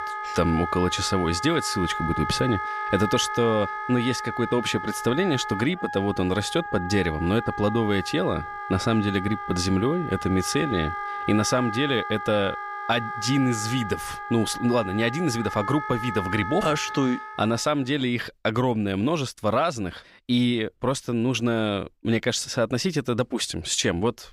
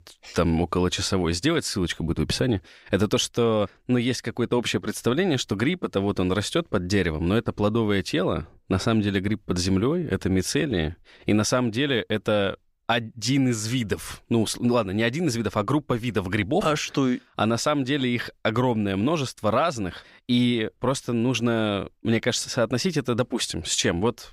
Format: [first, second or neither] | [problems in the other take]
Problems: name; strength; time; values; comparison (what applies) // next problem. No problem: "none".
second | background music; loud; until 17 s; 7 dB below the speech